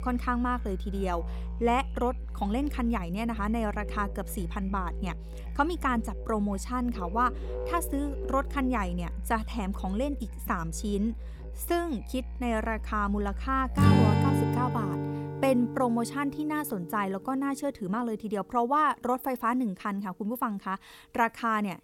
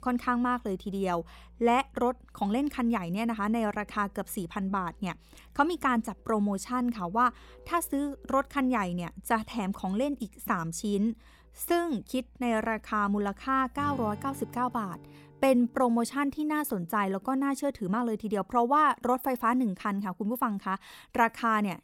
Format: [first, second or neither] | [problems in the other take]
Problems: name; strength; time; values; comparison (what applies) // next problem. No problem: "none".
second | background music; loud; throughout; 3 dB below the speech; faint in the second